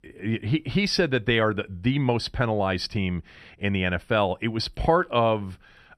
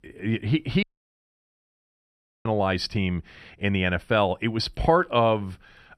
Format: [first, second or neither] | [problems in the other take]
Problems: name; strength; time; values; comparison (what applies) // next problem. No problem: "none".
first | audio cutting out; at 1 s for 1.5 s